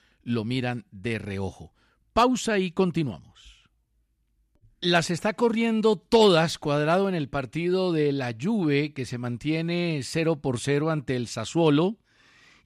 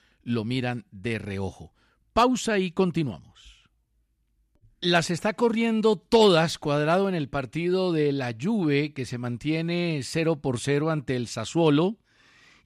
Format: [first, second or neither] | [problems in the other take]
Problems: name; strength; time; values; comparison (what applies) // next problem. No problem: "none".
neither | none